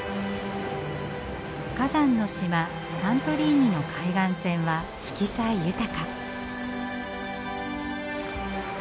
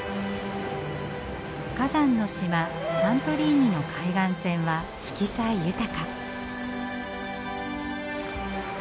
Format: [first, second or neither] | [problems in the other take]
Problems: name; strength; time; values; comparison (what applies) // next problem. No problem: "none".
first | background sound (Brass instrument); 6 dB below the speech